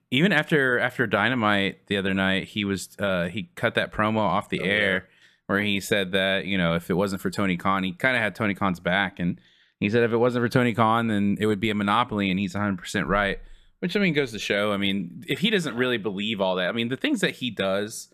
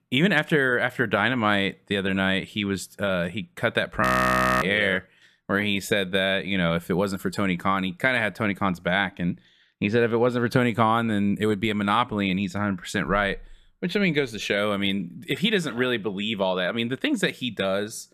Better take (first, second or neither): first